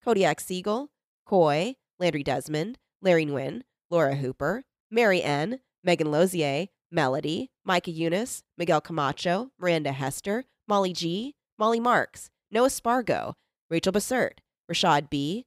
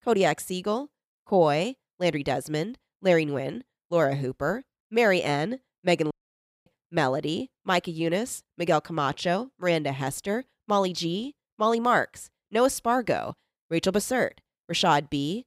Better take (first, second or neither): first